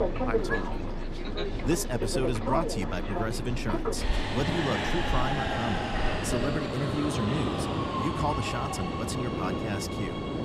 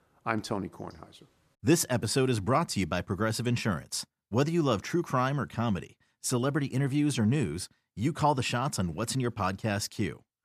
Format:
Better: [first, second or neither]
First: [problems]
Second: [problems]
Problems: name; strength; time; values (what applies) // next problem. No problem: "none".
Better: second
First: train or aircraft noise; very loud; throughout; 2 dB above the speech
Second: none